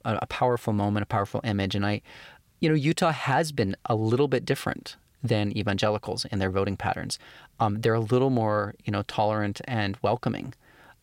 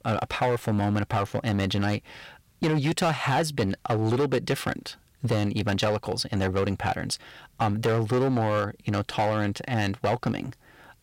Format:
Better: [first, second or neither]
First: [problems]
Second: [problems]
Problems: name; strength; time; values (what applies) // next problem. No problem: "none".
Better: first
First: none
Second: distortion; slight; 10% of the sound clipped